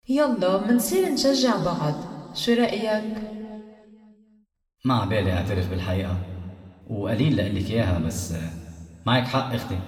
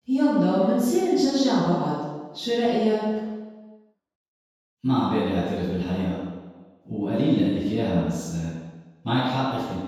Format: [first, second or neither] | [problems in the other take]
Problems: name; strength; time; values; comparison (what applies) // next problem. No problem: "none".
first | room echo; strong; dies away in 1.2 s; slight in the first // off-mic speech; far